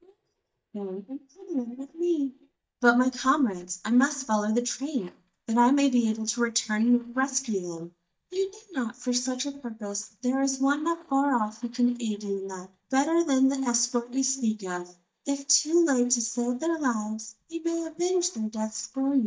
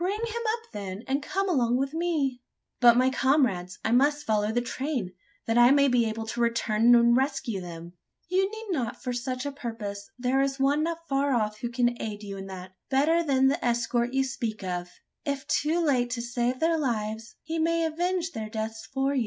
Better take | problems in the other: second | noise reduction (neural mask model DeepFilterNet 3)

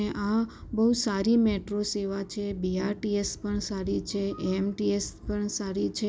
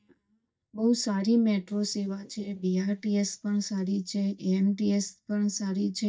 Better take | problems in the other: first | noise reduction (neural mask model DeepFilterNet 3)

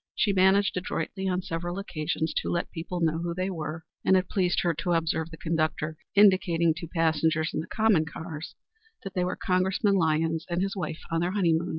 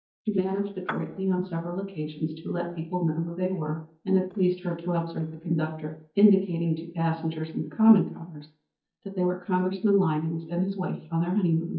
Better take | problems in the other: first | noise reduction (neural mask model DeepFilterNet 3)

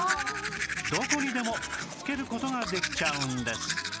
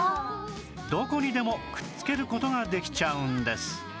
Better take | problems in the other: second | background sound (Domestic sounds, home sounds); 1 dB below the speech

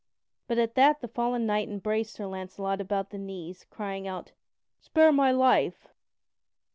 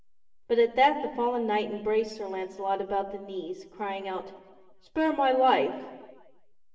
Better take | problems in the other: first | room echo; dies away in 1.3 s

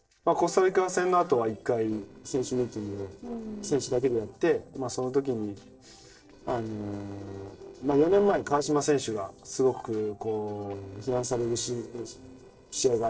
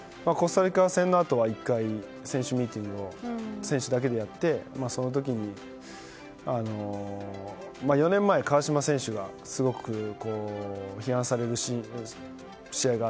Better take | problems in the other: second | noise reduction (neural separator model SepFormer DNS4)

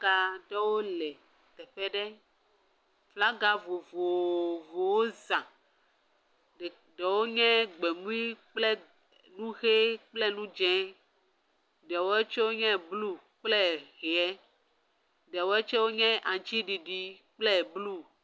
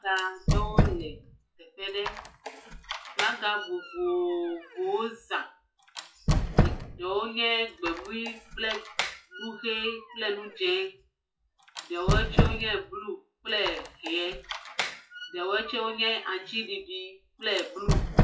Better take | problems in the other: first | noise reduction (classical method WPE with log-MMSE)

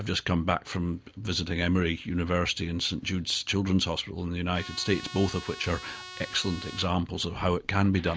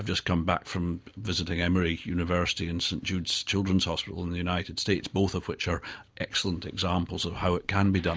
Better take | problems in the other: second | background sound (Trumpet); 14 dB below the speech

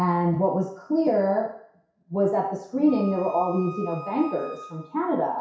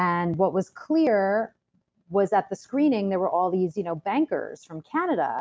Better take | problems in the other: second | background sound (Wind instrument, woodwind instrument); 16 dB below the speech // room echo; dies away in 0.6 s

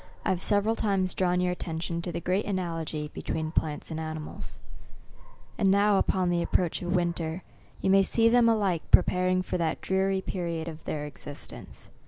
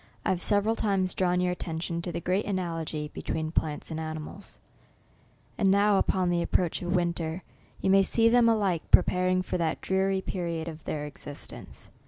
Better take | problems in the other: second | background sound (Dog); 10 dB below the speech

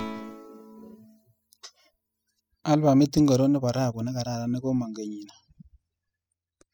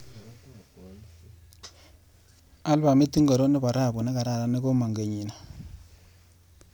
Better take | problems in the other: second | noise reduction (classical method spectral subtraction)

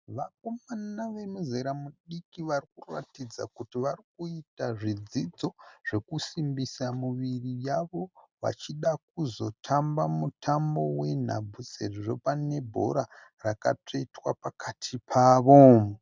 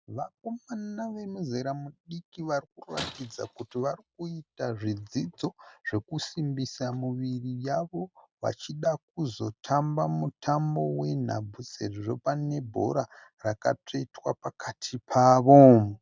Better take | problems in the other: first | background sound (Shatter); 18 dB below the speech

